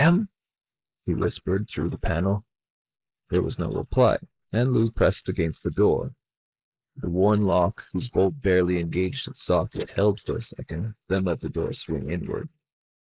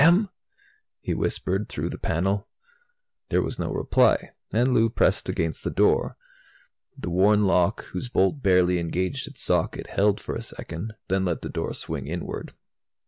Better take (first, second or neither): second